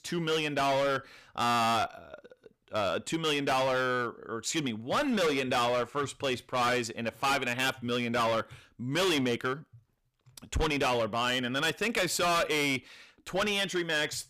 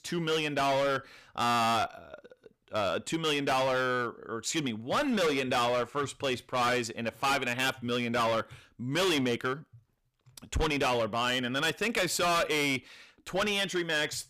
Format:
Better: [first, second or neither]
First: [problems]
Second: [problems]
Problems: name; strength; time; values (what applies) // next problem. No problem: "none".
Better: neither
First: distortion; heavy; 16% of the sound clipped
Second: distortion; heavy; 16% of the sound clipped